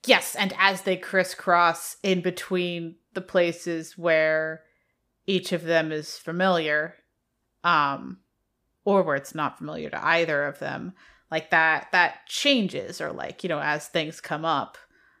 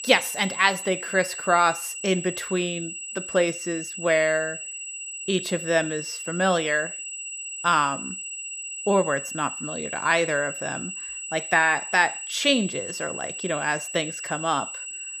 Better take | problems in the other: first | high-pitched whine; loud; throughout; 8 kHz, 8 dB below the speech

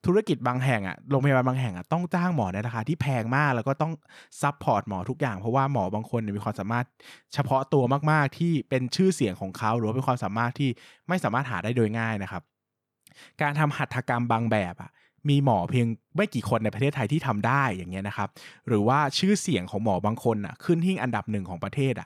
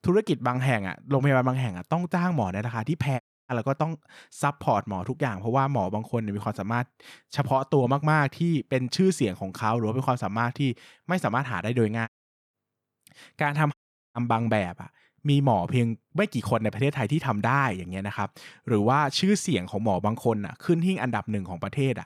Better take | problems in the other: first | audio cutting out; at 3 s, at 12 s and at 14 s

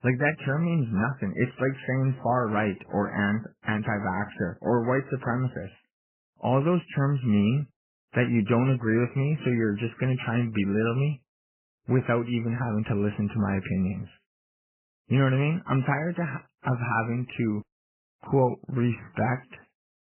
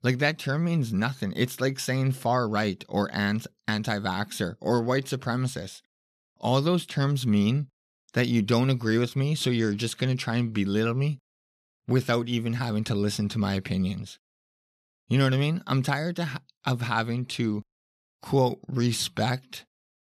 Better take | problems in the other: second | garbled, watery; badly; nothing above 3 kHz

